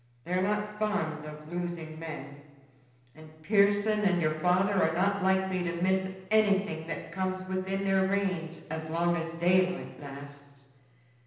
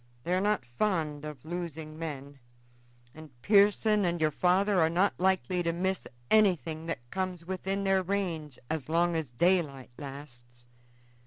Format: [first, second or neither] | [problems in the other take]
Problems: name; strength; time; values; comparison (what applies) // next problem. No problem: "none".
second | room echo; dies away in 0.9 s